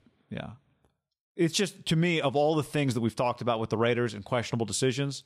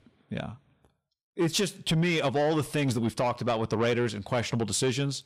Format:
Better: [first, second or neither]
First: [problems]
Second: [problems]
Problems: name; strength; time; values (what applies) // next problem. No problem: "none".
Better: first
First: none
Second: distortion; slight; 10 dB below the speech